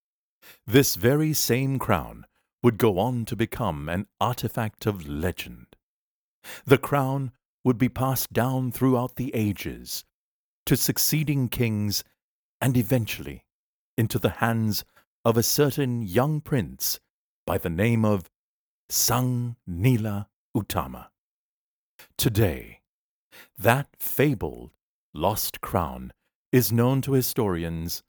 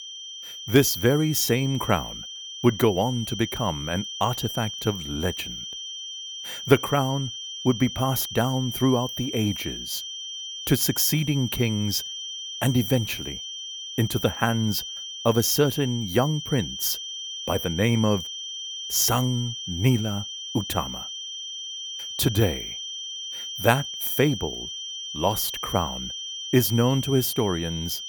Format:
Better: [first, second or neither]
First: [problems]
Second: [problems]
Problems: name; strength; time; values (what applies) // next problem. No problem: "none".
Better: first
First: none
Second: high-pitched whine; loud; throughout; 3 kHz, 8 dB below the speech